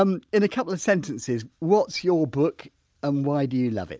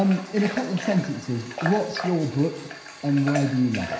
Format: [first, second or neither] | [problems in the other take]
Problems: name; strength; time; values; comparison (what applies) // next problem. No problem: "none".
first | background sound (Water tap, faucet / Water); 10 dB below the speech // room echo; dies away in 0.9 s